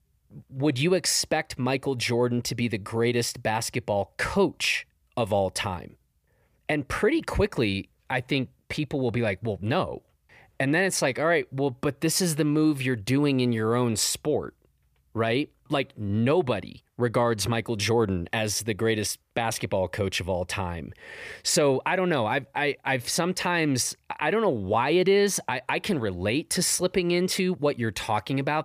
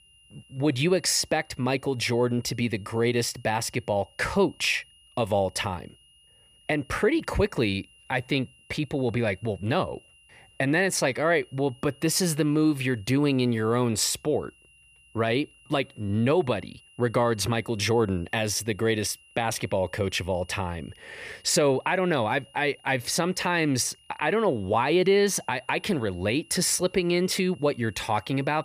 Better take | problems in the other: first | high-pitched whine; faint; throughout; 3 kHz, 30 dB below the speech

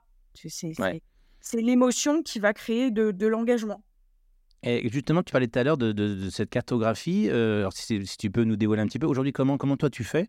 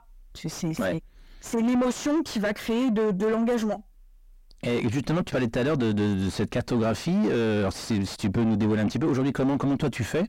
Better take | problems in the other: first | distortion; heavy; 5 dB below the speech

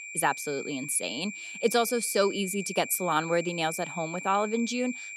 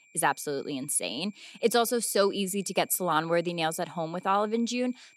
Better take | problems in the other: second | high-pitched whine; loud; throughout; 2.5 kHz, 9 dB below the speech; faint in the second

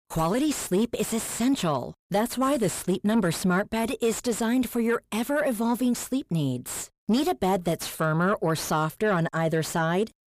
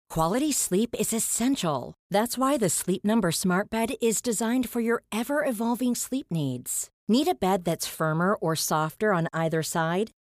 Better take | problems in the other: second | distortion; slight; 10 dB below the speech

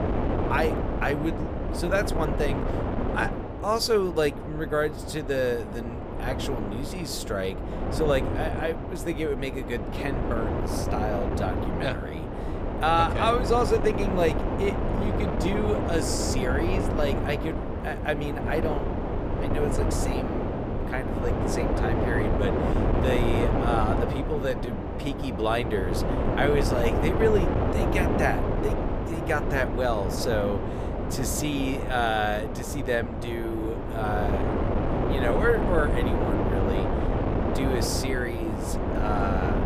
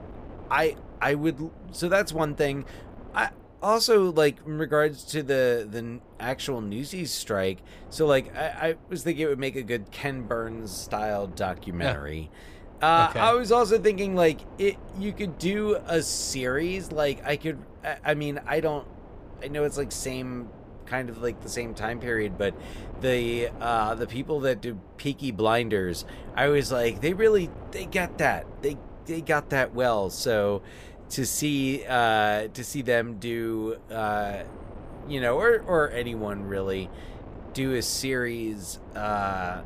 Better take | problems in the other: second | wind noise on the microphone; heavy; 3 dB below the speech; occasional gusts in the second

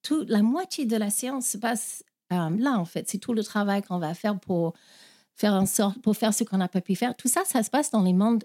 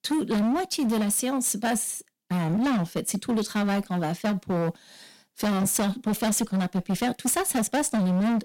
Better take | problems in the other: first | distortion; heavy; 24% of the sound clipped

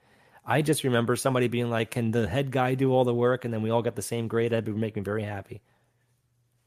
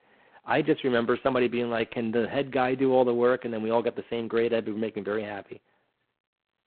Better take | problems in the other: first | phone-call audio; poor line; nothing above 4 kHz

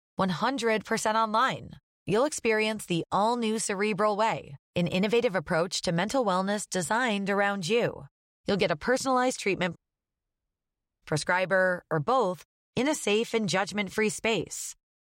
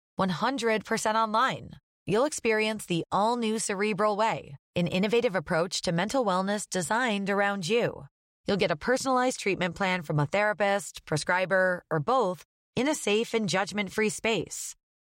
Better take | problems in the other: second | audio cutting out; at 10 s for 1.5 s

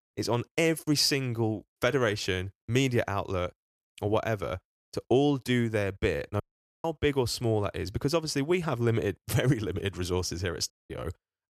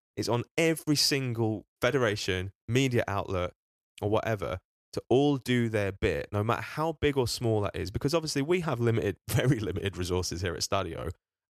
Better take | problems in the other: second | audio cutting out; at 6.5 s and at 11 s

